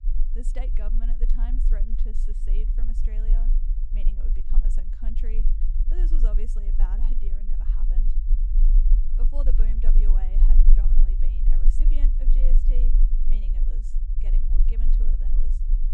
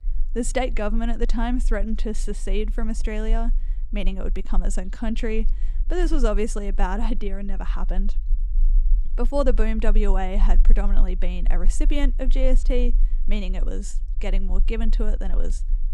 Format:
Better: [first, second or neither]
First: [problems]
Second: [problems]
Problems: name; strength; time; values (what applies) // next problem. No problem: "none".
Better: second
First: low rumble; loud; throughout; 3 dB below the speech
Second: low rumble; faint; throughout; 25 dB below the speech